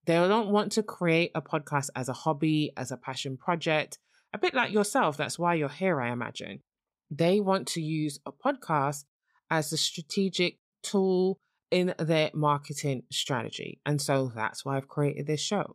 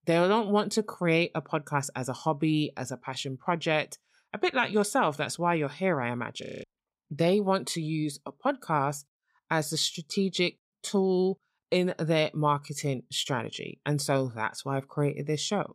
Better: first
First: none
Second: audio freezing; at 6.5 s

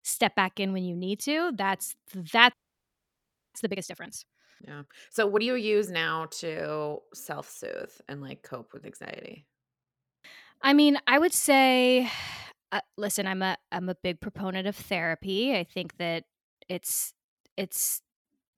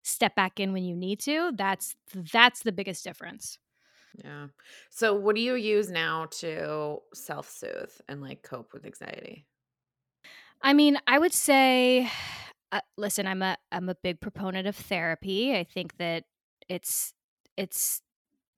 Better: second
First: audio freezing; at 2.5 s for 1 s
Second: none

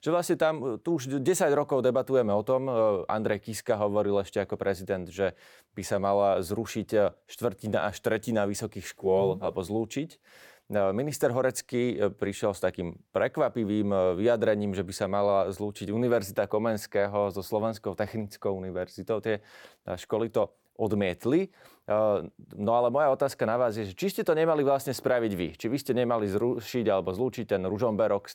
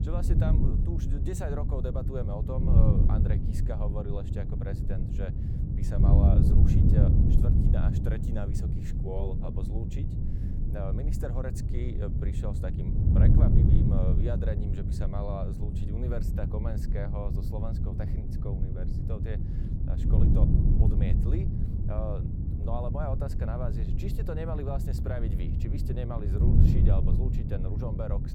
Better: first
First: none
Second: wind noise on the microphone; heavy; as loud as the speech

